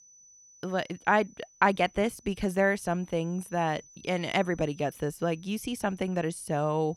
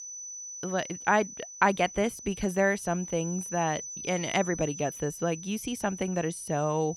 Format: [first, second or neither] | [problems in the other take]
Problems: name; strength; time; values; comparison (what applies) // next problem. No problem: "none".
first | high-pitched whine; loud; throughout; 6 kHz, 10 dB below the speech; faint in the first